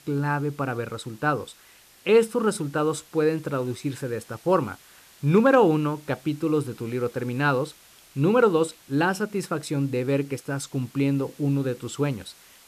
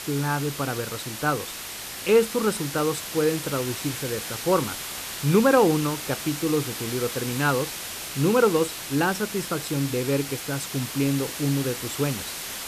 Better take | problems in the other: first | hiss; loud; throughout; 7 dB below the speech; faint in the first

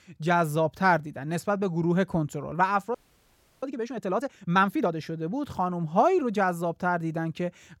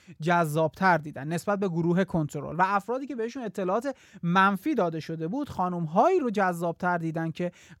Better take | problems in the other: second | audio freezing; at 3 s for 0.5 s

